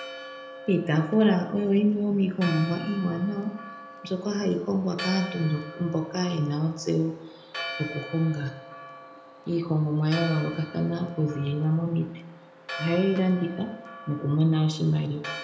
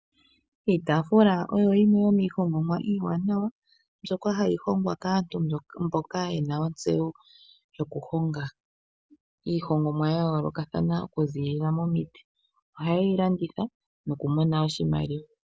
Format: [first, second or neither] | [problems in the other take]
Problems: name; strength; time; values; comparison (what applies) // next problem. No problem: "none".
second | background sound (Church bell); 14 dB below the speech // room echo; dies away in 0.7 s